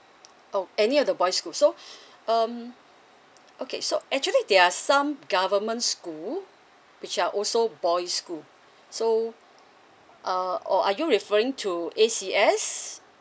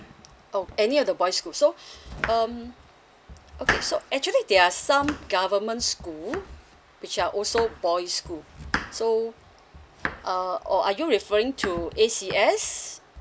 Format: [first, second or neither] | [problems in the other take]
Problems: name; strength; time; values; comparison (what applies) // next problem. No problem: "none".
first | background sound (Domestic sounds, home sounds); 11 dB below the speech